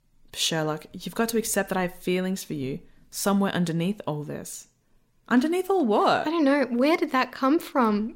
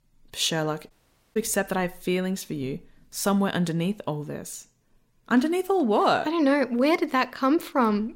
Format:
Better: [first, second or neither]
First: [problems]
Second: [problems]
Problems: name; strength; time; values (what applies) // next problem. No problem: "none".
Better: first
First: none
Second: audio cutting out; at 1 s